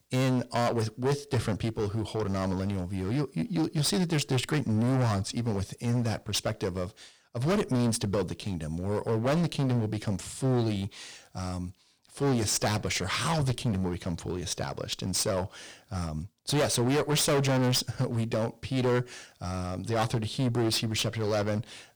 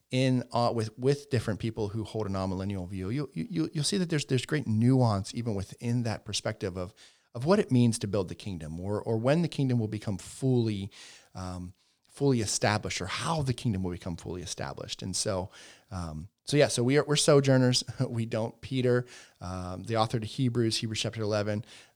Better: second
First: distortion; heavy; 14% of the sound clipped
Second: none

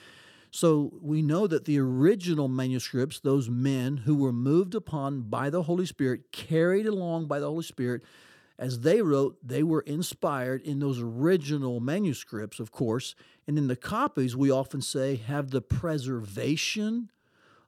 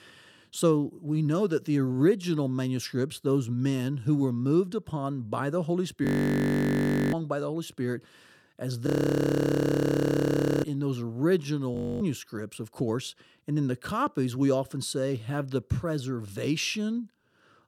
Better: first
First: none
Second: audio freezing; at 6 s for 1 s, at 9 s for 2 s and at 12 s

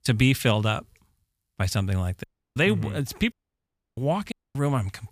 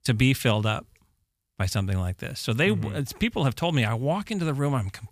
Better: second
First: audio cutting out; at 2 s, at 3.5 s for 0.5 s and at 4.5 s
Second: none

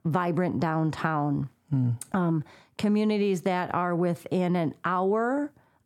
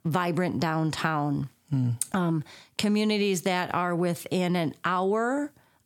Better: second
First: muffled; slightly; fading above 2 kHz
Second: none

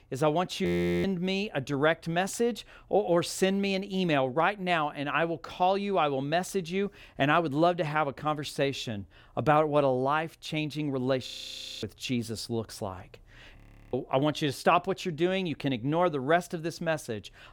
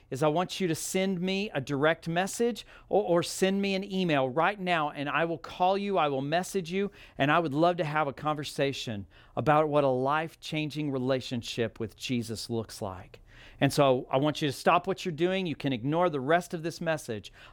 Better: second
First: audio freezing; at 0.5 s, at 11 s for 0.5 s and at 14 s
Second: none

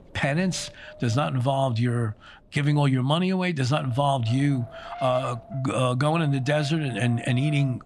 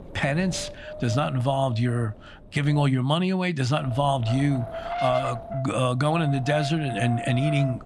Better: first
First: wind noise on the microphone; occasional gusts; until 3 s and from 4 s on; 15 dB below the speech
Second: wind noise on the microphone; heavy; until 3 s and from 4 s on; 6 dB below the speech

